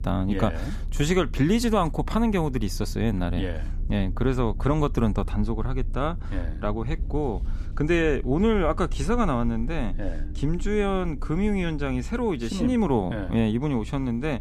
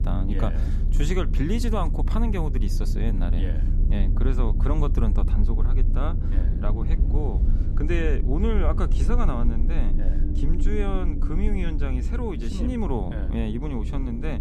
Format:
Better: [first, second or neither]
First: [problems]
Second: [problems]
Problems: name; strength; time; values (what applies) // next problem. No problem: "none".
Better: first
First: low rumble; faint; throughout; 20 dB below the speech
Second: low rumble; loud; throughout; 8 dB below the speech